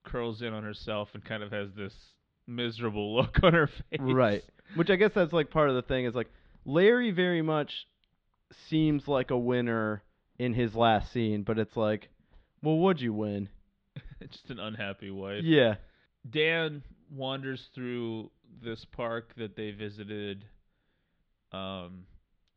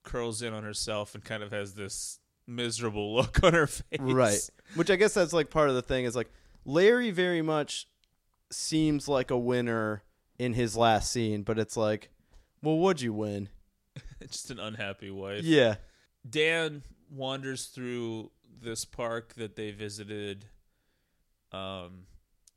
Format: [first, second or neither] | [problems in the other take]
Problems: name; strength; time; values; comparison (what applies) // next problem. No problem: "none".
second | muffled; very; fading above 3.5 kHz